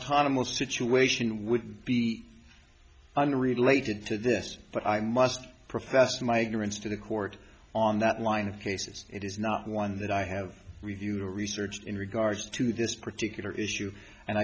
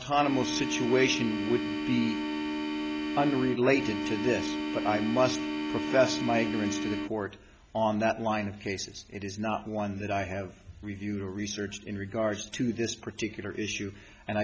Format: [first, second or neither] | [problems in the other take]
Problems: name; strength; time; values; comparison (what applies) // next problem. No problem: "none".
first | background sound (Organ); 2 dB below the speech